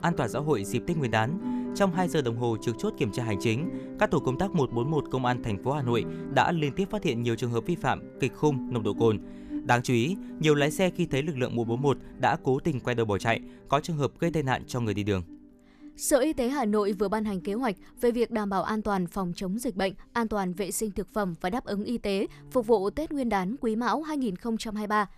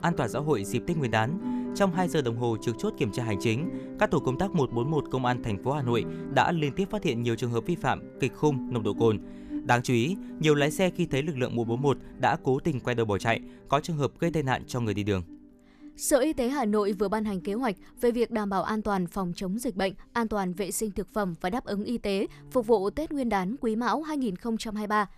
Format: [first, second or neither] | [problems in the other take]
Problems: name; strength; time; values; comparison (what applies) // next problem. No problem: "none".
neither | background music; noticeable; throughout; 10 dB below the speech; the same in both